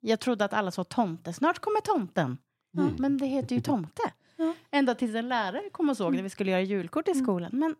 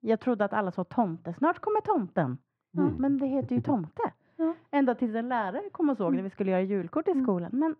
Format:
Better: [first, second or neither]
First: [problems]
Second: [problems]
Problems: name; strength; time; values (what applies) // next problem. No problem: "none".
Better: first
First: none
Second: muffled; very; fading above 4 kHz